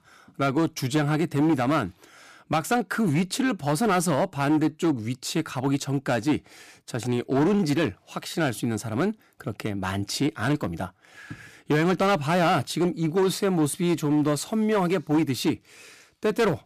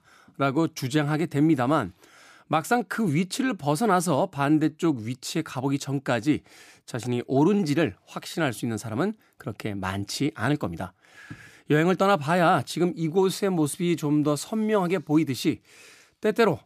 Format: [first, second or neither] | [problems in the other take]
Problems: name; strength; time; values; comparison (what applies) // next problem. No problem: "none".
second | distortion; slight; 8% of the sound clipped